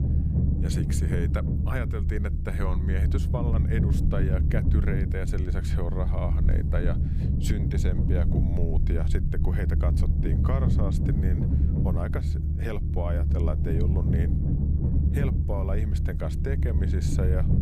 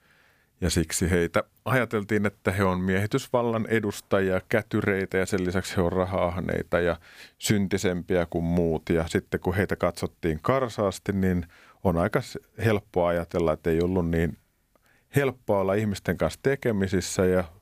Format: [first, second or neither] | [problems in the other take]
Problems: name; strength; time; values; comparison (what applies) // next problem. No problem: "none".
second | low rumble; loud; throughout; 1 dB below the speech